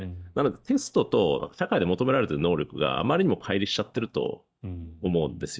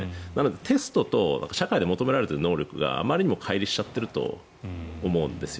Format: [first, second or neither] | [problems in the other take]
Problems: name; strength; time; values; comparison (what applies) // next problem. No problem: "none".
second | noise reduction (neural mask model DeepFilterNet 3)